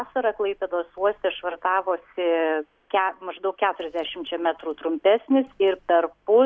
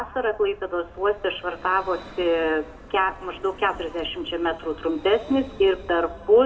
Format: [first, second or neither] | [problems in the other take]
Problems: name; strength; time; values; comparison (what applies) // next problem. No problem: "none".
first | background sound (Vehicle); 19 dB below the speech // room echo; dies away in 0.8 s